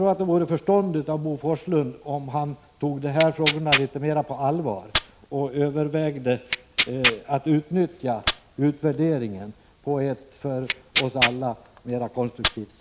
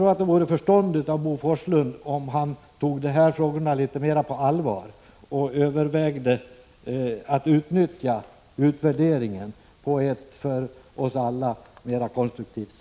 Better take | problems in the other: second | background sound (Tearing); 4 dB below the speech

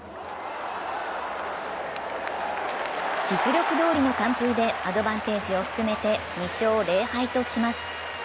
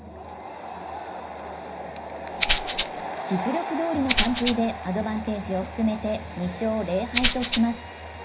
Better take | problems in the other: first | background sound (Rattle (instrument)); 1 dB above the speech // room echo; dies away in 0.5 s

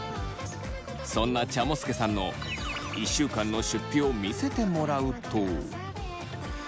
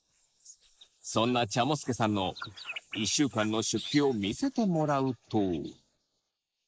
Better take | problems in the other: first | noise reduction (neural mask model Resemble Enhance denoiser)

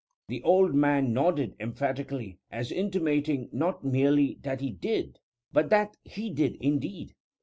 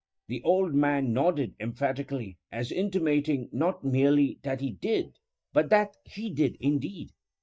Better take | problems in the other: first | noise reduction (neural mask model DeepFilterNet 3)

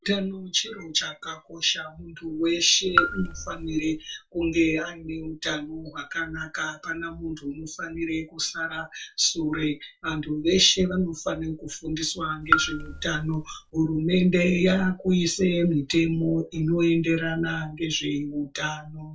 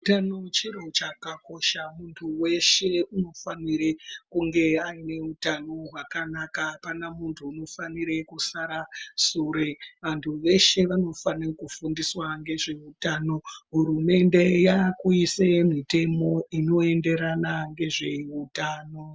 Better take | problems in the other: second | background sound (Raindrop / Drip); 2 dB below the speech // room echo; dies away in 0.2 s

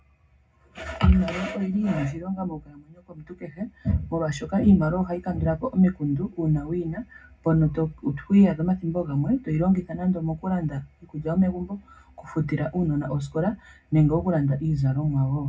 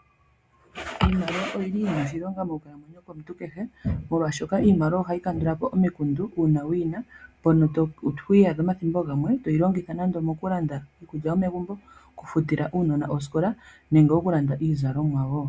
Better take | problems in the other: second | room echo; dies away in 0.4 s

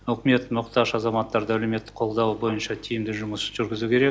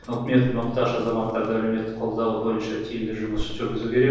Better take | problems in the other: first | background sound (Drawer open or close); 14 dB below the speech // room echo; dies away in 1.1 s

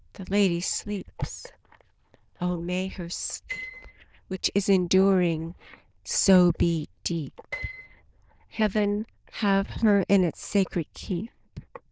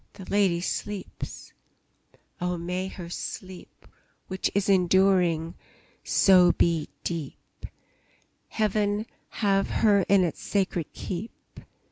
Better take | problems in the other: second | noise reduction (neural diffusion model UNIVERSE++)

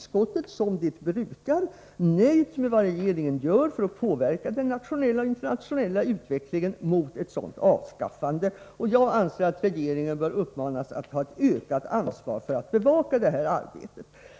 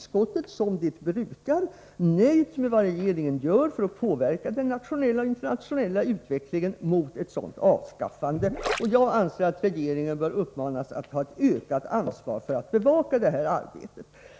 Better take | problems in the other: first | background sound (Gurgling); 7 dB below the speech

